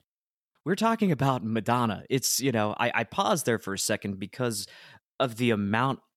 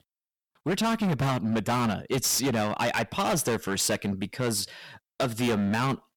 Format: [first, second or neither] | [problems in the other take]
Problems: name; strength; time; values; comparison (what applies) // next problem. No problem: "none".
first | distortion; heavy; 18% of the sound clipped